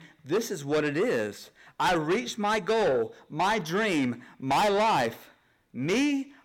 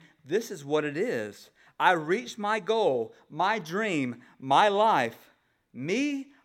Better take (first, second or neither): second